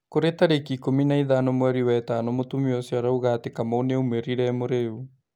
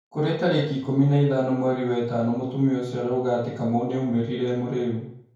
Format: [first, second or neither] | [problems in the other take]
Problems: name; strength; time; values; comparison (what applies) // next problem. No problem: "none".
first | room echo; dies away in 0.5 s